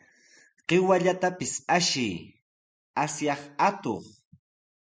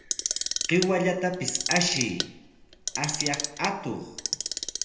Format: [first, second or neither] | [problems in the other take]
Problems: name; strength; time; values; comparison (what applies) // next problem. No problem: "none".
first | background sound (Clock); 3 dB below the speech // room echo; dies away in 0.8 s